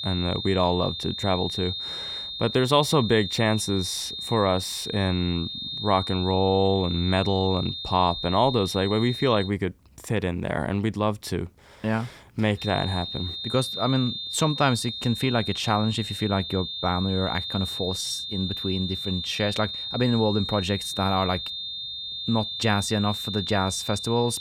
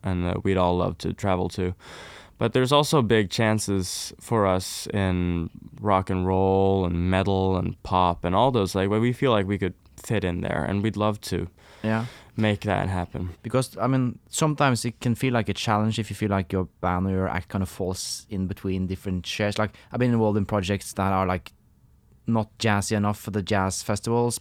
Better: second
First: high-pitched whine; loud; until 9.5 s and from 13 s on; 3.5 kHz, 5 dB below the speech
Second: none

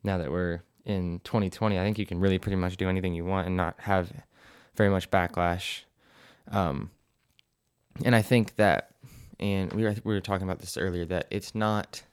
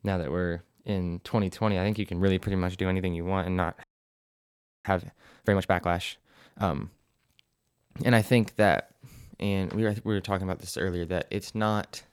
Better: first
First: none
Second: audio freezing; at 4 s for 1 s

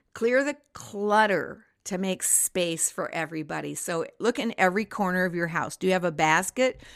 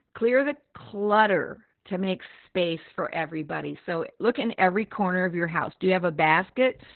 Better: first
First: none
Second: garbled, watery; badly; nothing above 4 kHz

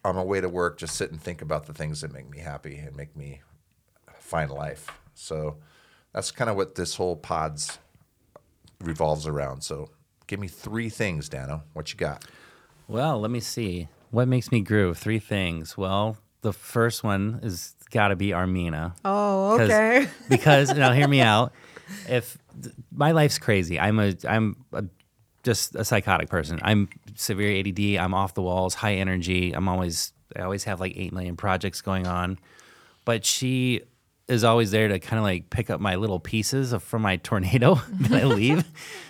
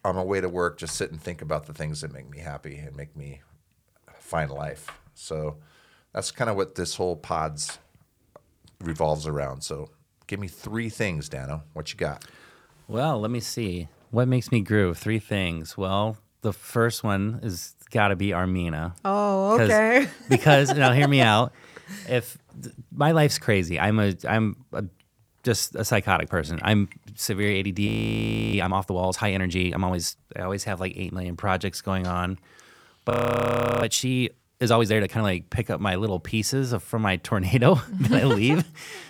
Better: first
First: none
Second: audio freezing; at 28 s for 0.5 s and at 33 s for 0.5 s

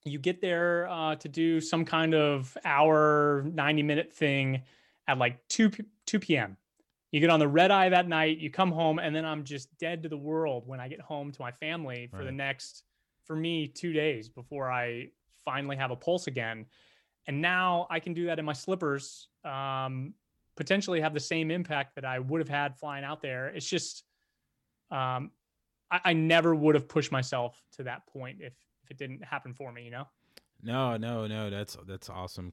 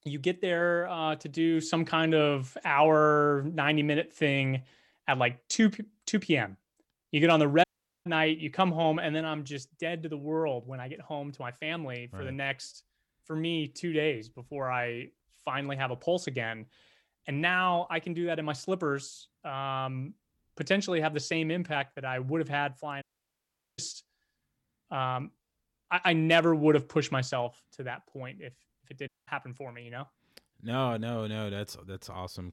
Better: first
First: none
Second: audio cutting out; at 7.5 s, at 23 s for 1 s and at 29 s

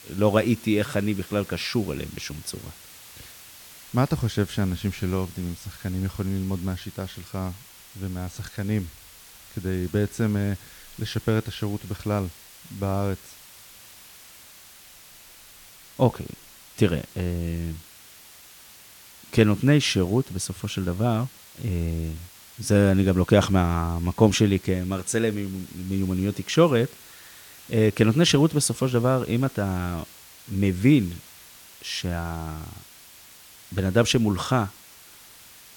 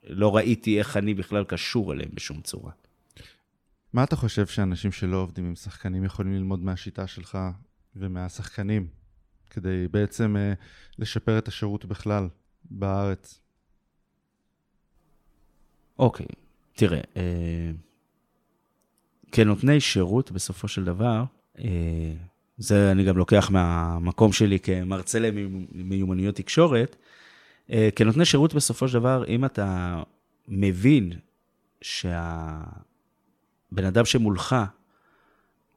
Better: second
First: hiss; faint; throughout; 20 dB below the speech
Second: none

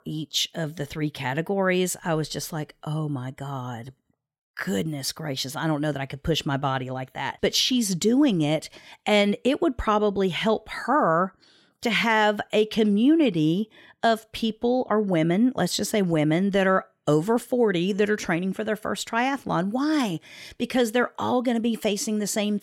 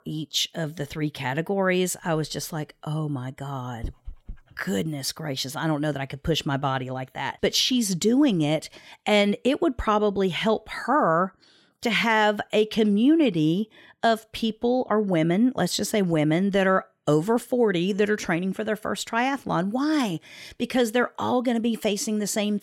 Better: first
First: none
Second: dog barking; faint; at 4 s; peak 15 dB below the speech

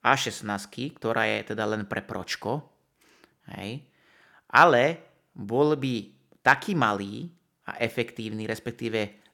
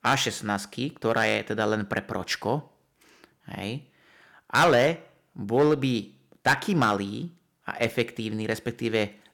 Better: first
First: none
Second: distortion; heavy; 2% of the sound clipped

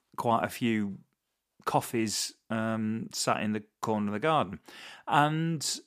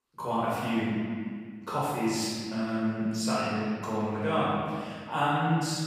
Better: first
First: none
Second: room echo; strong; dies away in 1.9 s // off-mic speech; far

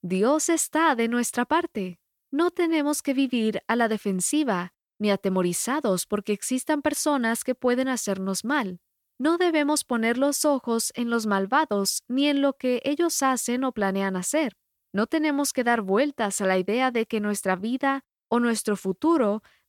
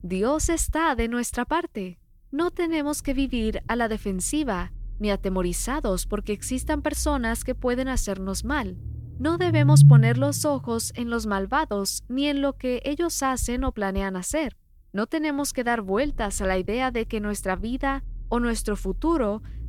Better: first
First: none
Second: low rumble; loud; throughout; 2 dB below the speech

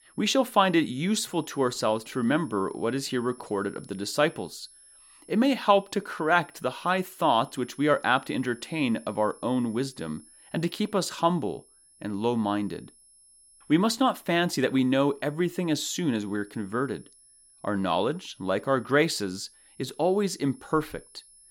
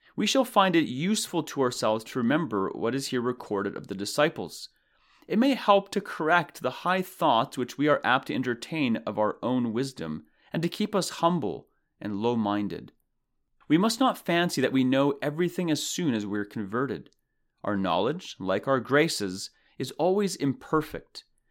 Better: second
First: high-pitched whine; faint; throughout; 10.5 kHz, 25 dB below the speech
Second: none

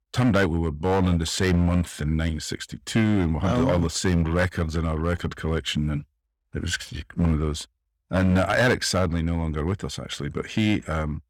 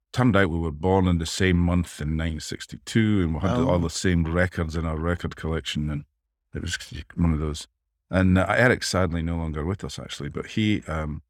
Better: second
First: distortion; slight; 5% of the sound clipped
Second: none

